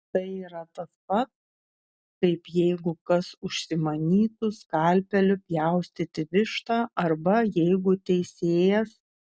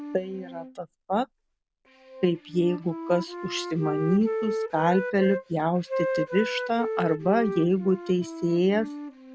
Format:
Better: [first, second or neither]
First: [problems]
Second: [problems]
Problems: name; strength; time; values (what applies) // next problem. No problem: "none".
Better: first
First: none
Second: background sound (Wind instrument, woodwind instrument); 7 dB below the speech